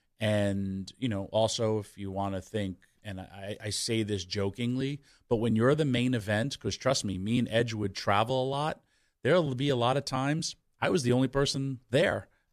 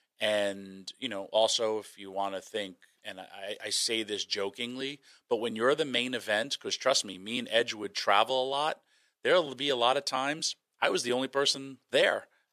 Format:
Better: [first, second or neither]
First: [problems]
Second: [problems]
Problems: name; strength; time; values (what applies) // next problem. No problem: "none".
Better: first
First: none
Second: thin; somewhat; fading below 450 Hz